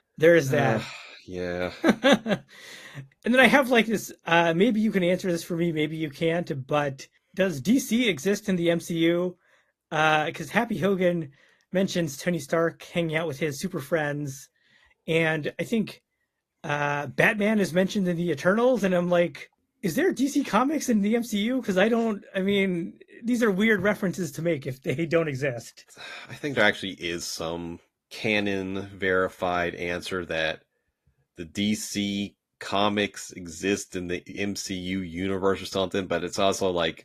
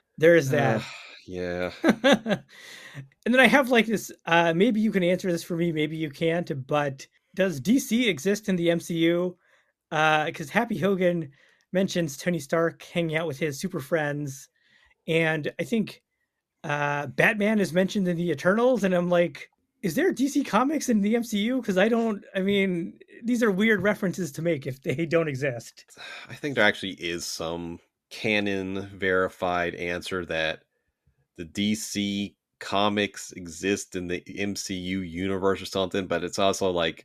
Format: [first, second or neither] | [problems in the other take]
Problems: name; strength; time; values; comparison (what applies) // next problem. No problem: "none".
second | garbled, watery; slightly; nothing above 14 kHz